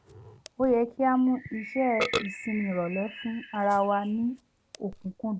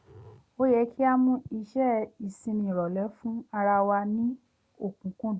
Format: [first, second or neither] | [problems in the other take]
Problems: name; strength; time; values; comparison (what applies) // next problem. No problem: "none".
second | background sound (Bird + Burping, eructation); 10 dB below the speech